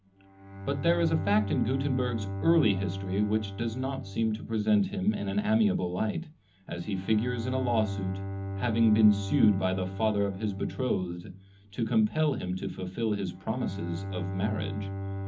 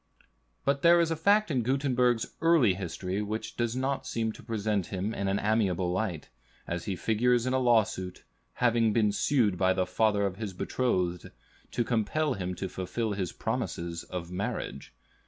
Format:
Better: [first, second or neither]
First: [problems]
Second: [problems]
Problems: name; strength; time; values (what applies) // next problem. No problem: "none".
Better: second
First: background sound (Bowed string instrument); 8 dB below the speech // room echo; dies away in 0.4 s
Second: none